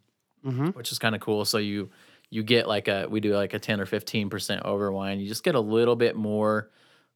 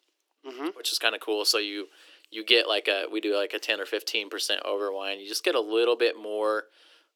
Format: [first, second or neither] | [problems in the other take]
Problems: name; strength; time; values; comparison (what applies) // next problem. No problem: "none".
first | thin; very; fading below 300 Hz